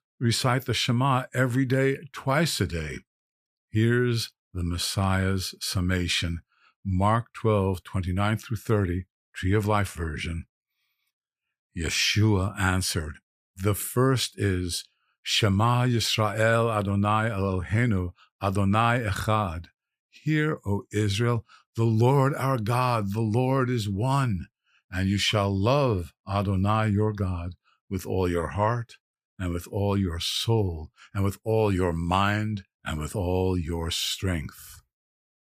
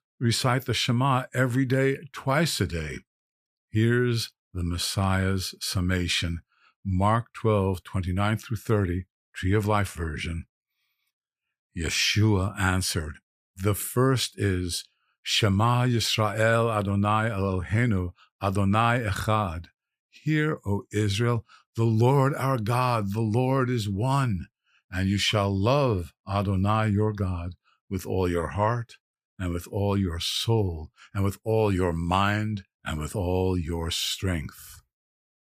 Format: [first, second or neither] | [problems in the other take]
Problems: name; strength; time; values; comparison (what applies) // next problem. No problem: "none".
neither | none